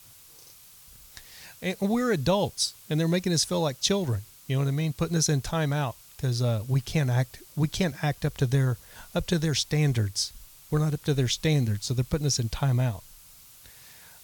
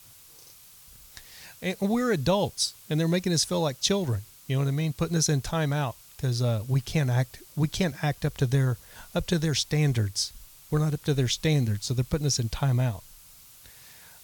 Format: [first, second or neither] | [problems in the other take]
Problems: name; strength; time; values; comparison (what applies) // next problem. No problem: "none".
neither | hiss; faint; throughout; 20 dB below the speech; the same in both